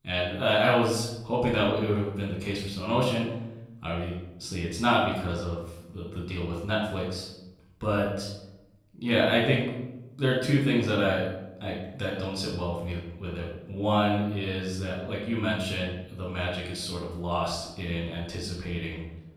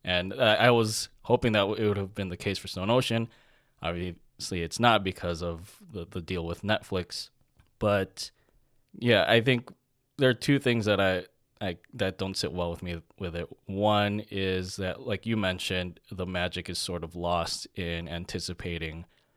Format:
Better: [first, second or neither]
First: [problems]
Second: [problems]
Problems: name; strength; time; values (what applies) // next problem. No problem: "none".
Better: second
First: off-mic speech; far // room echo; noticeable; dies away in 0.8 s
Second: none